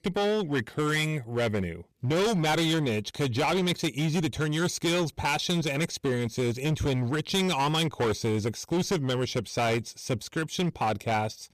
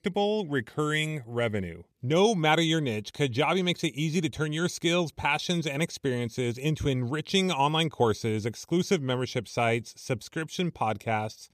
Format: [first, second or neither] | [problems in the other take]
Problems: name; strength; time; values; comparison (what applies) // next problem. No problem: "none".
second | distortion; heavy; 17% of the sound clipped